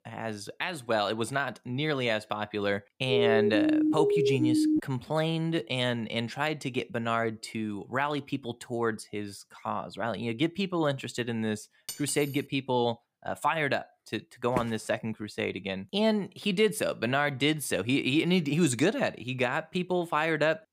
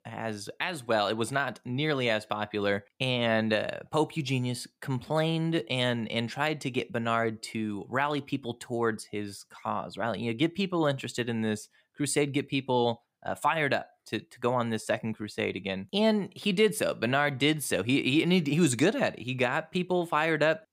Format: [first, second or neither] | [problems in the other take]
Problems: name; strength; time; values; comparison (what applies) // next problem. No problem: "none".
second | siren; loud; from 3 to 5 s; peak 5 dB above the speech // clattering dishes; noticeable; at 12 s; peak 9 dB below the speech // footsteps; noticeable; at 15 s; peak 7 dB below the speech